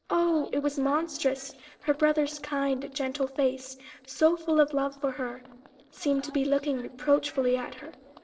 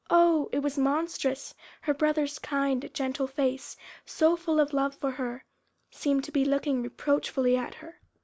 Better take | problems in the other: second | noise reduction (neural separator model SepFormer DNS4)

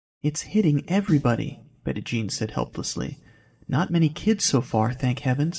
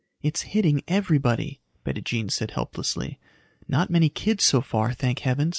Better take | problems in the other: second | noise reduction (neural mask model DeepFilterNet 3)

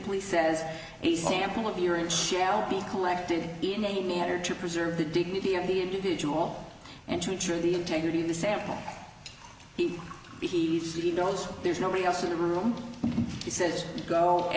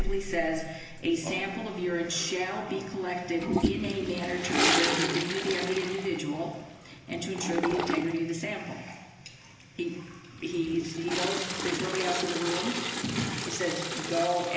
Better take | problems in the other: first | background sound (Toilet flush); 2 dB below the speech // room echo; dies away in 0.8 s

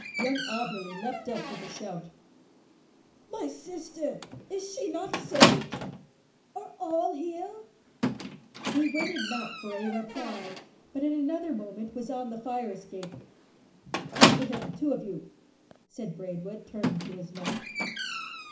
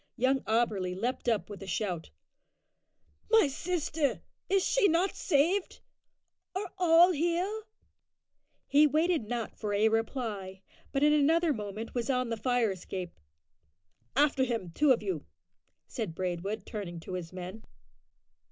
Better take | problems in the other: second | background sound (Squeak); 2 dB above the speech // room echo; dies away in 0.5 s

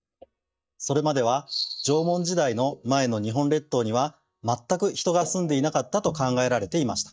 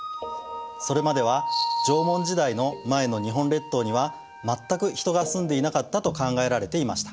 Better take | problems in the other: second | noise reduction (neural mask model DeepFilterNet 3)

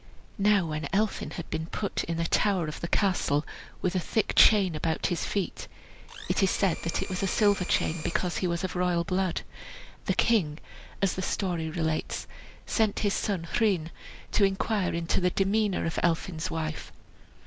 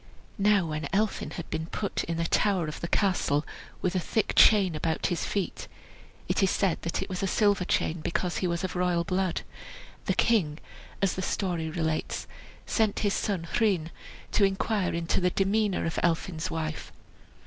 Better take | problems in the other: second | background sound (Domestic sounds, home sounds); 15 dB below the speech

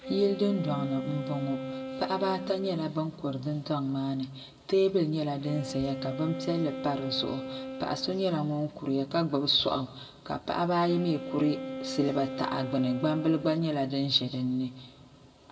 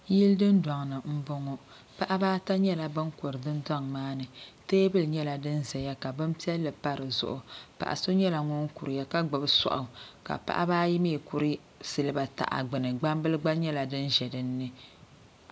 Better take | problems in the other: second | background sound (Wind instrument, woodwind instrument); 10 dB below the speech // room echo; dies away in 1 s

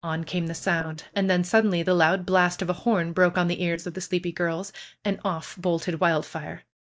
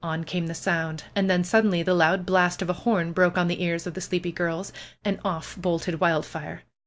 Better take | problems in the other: second | noise reduction (neural mask model DeepFilterNet 3)

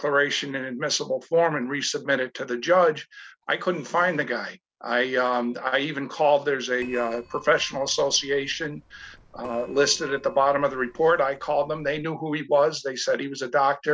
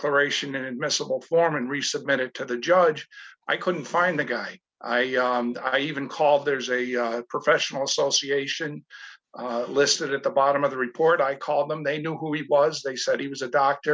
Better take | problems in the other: second | noise reduction (neural separator model SepFormer DNS4)

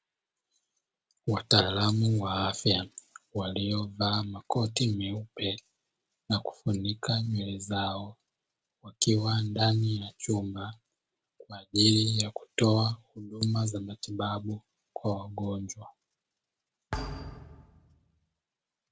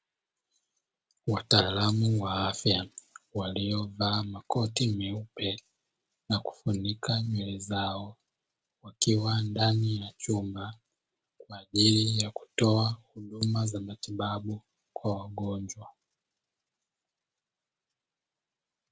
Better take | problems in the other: second | background sound (Thump, thud); 11 dB below the speech

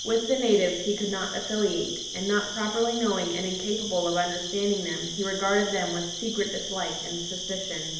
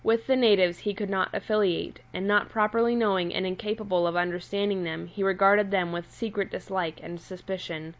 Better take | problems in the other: second | background sound (Cricket); 6 dB below the speech // room echo; dies away in 0.8 s

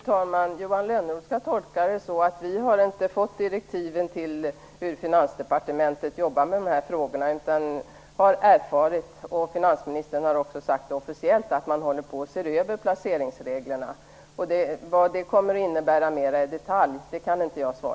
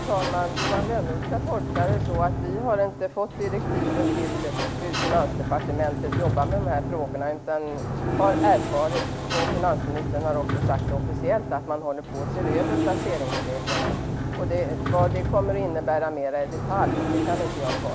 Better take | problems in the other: first | background sound (Sliding door); as loud as the speech

